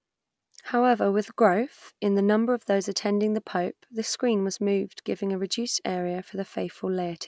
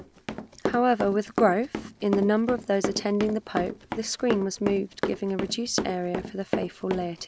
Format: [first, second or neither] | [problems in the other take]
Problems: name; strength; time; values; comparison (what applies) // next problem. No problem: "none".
first | background sound (Run); 7 dB below the speech